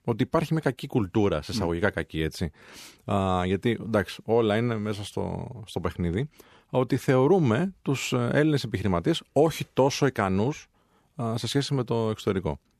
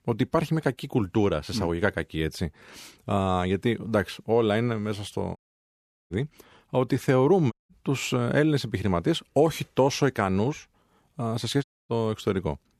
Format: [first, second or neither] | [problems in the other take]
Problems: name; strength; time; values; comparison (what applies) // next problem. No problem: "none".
first | audio cutting out; at 5.5 s for 0.5 s, at 7.5 s and at 12 s